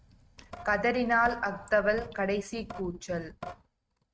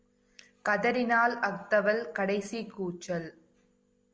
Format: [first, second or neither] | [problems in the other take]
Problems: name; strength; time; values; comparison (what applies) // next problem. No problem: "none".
second | noise reduction (neural mask model RNNoise)